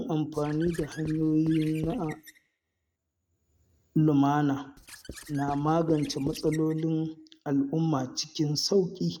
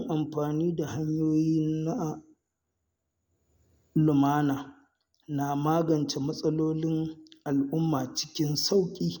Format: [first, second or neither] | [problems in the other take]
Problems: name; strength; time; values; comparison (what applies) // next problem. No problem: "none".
second | noise reduction (neural mask model RNNoise)